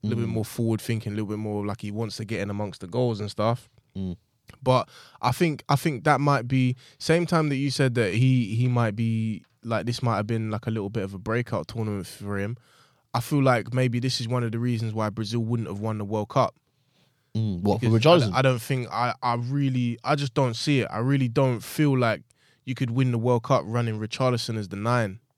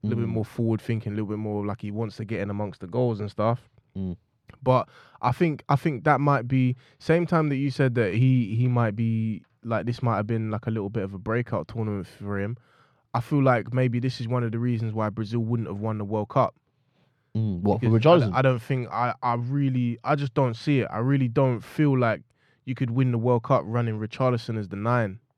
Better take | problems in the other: first | muffled; slightly; fading above 3.5 kHz

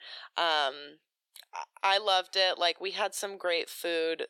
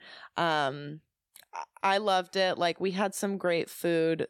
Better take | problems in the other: second | thin; very; fading below 450 Hz

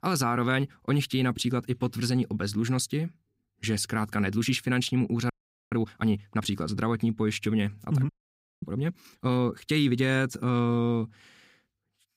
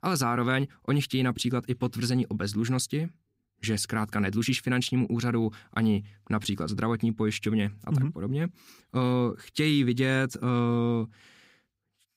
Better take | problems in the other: second | audio freezing; at 5.5 s and at 8 s for 0.5 s

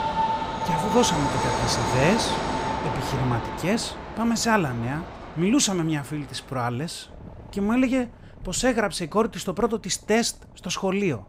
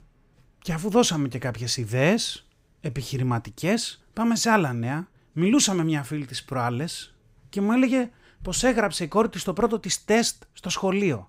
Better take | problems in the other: second | train or aircraft noise; loud; throughout; 3 dB below the speech

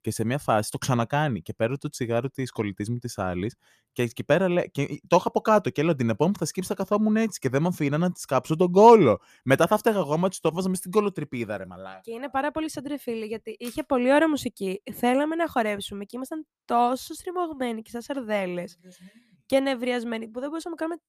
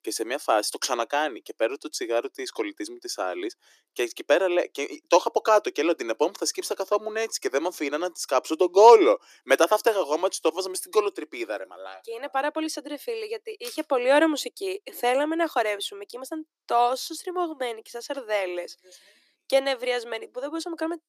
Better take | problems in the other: first | thin; very; fading below 300 Hz

